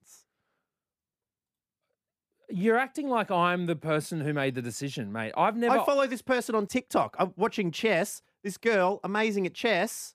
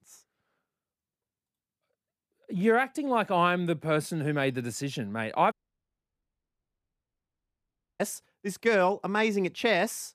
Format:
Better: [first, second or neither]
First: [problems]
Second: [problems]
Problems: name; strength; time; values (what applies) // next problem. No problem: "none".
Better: first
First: none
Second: audio cutting out; at 5.5 s for 2.5 s